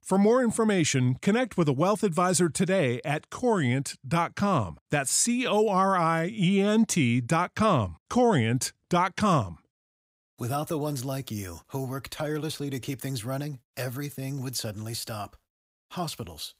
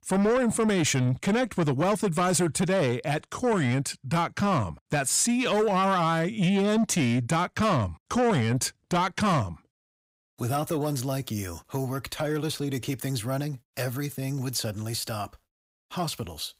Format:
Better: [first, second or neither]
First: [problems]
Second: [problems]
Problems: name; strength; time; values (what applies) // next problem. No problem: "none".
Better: first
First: none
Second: distortion; slight; 10 dB below the speech